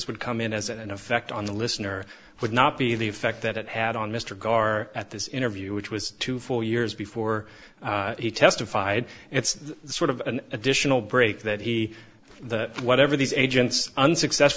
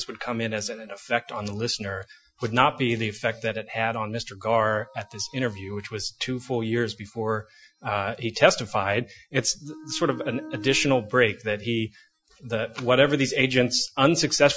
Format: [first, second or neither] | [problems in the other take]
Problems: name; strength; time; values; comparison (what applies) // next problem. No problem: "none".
first | noise reduction (classical method Wiener filter)